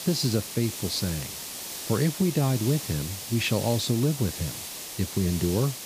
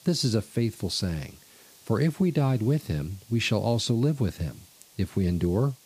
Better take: second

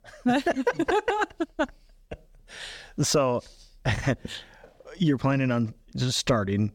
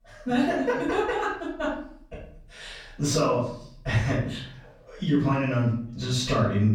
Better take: first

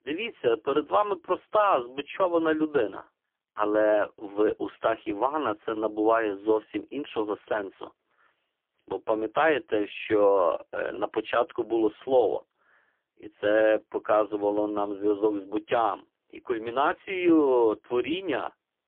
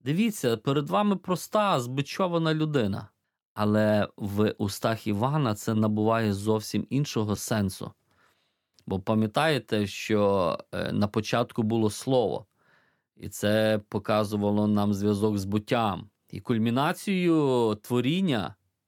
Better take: second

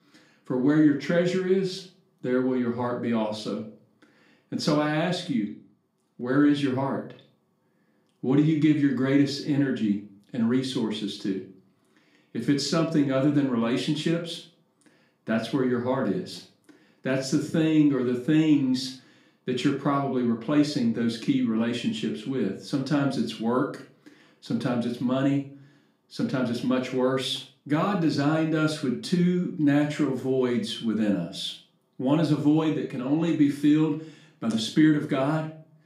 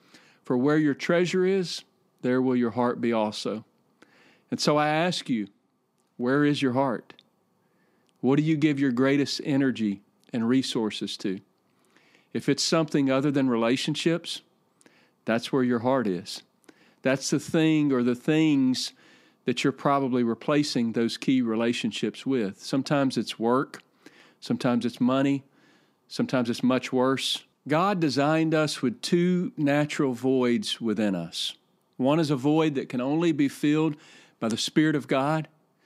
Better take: second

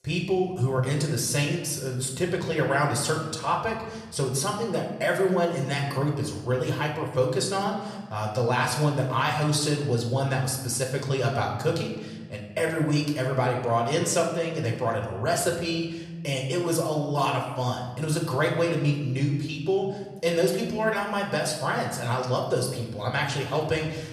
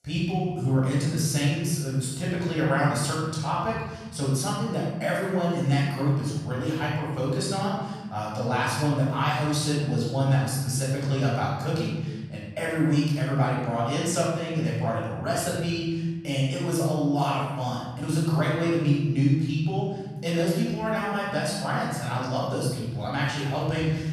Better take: first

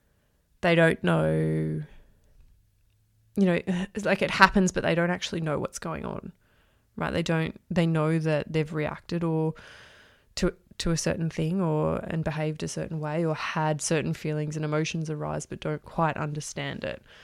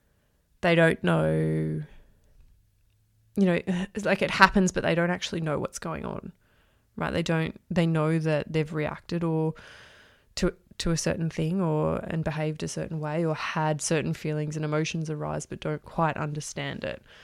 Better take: neither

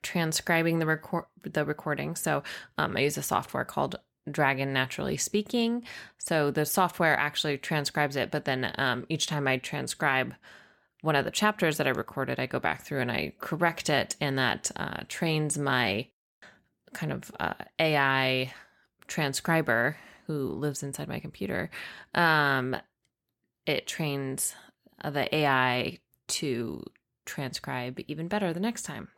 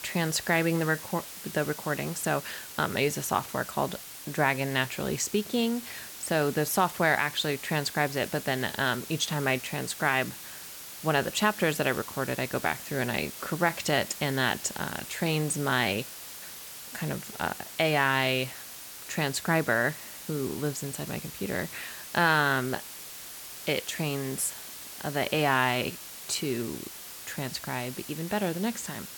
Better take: first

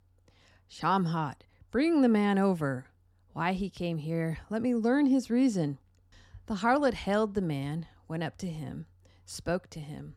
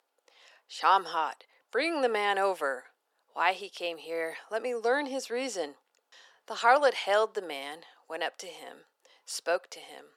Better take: first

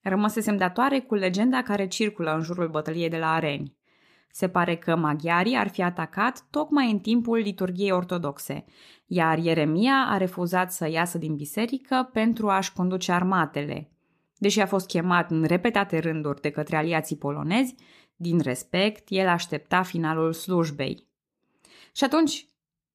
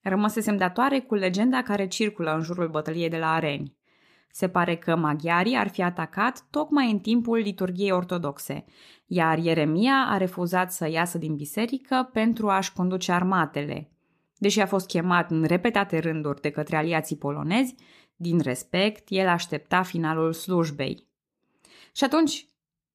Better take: neither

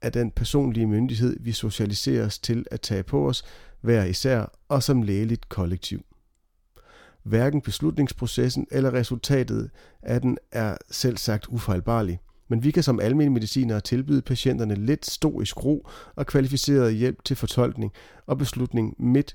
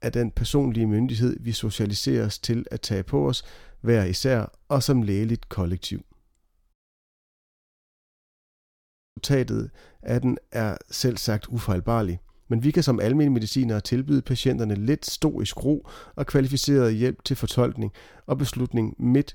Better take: first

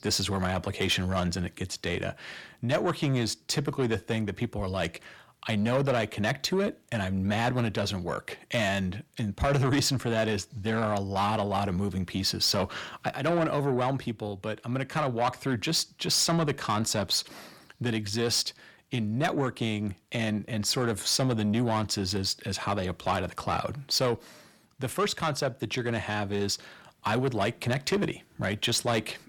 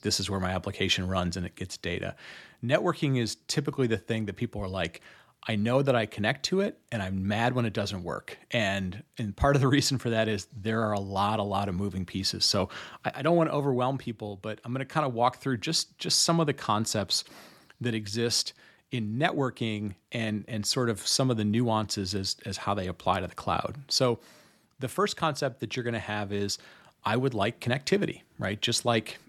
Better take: second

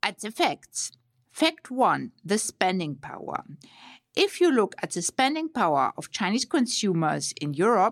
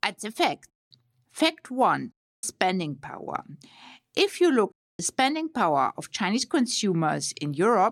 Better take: first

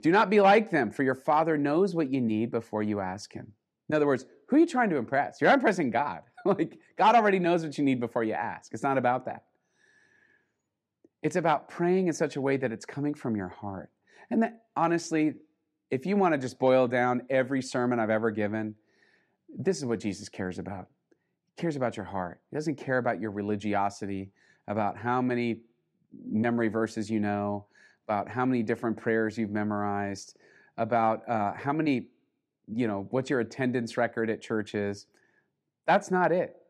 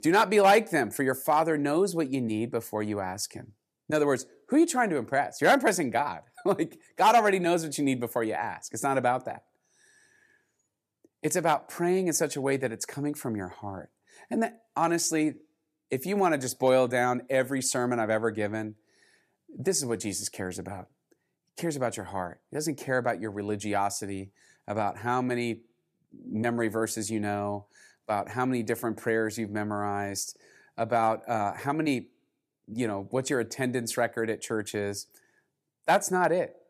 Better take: second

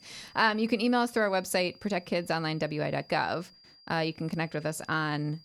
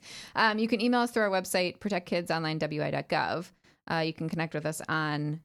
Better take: second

